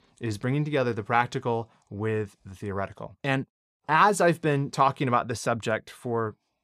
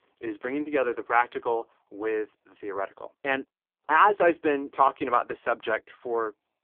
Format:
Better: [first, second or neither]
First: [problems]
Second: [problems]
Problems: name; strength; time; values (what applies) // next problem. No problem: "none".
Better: first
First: none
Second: phone-call audio; poor line